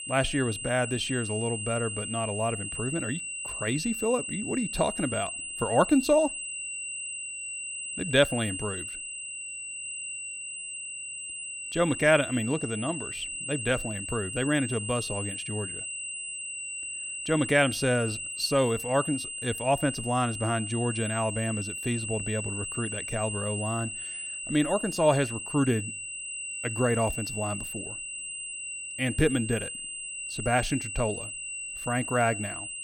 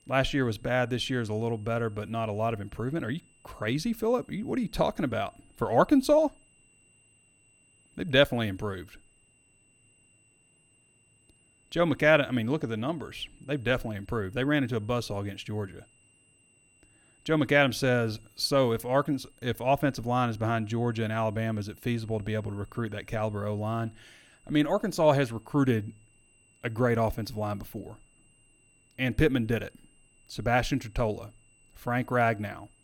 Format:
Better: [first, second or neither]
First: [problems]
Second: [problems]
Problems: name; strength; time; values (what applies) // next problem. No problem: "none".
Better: second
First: high-pitched whine; loud; throughout; 3 kHz, 5 dB below the speech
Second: high-pitched whine; faint; throughout; 3 kHz, 35 dB below the speech